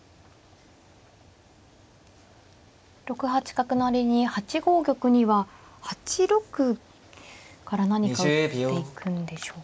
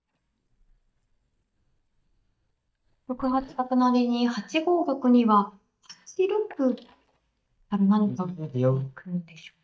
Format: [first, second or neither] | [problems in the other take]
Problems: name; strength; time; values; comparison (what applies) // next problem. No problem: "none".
first | noise reduction (neural mask model DeepFilterNet 3)